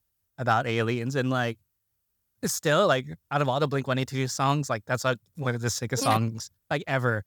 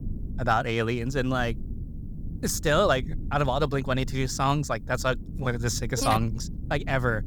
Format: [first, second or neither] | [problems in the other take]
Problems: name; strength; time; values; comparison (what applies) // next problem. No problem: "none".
first | low rumble; faint; throughout; 20 dB below the speech